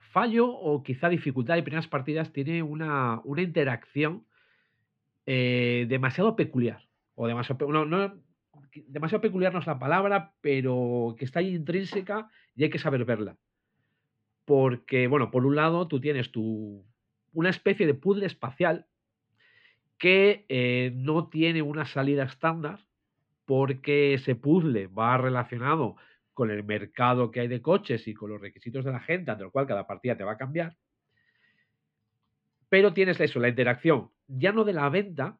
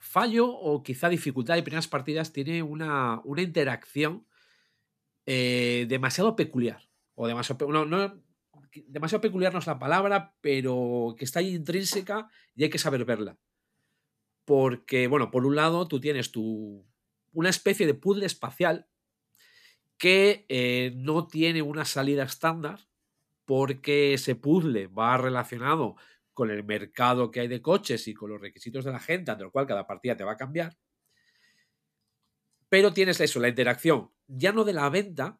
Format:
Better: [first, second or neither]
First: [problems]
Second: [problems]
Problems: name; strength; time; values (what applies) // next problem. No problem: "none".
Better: second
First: muffled; slightly; fading above 3 kHz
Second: none